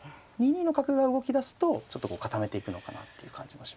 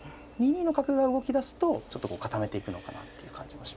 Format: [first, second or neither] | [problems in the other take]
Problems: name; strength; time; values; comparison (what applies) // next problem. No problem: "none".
first | background sound (Alarm / Engine / Train); 20 dB below the speech